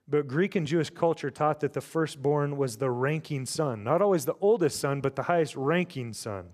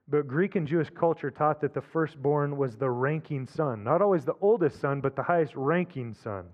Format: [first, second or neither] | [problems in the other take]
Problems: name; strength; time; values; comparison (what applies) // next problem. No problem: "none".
first | muffled; very; fading above 4 kHz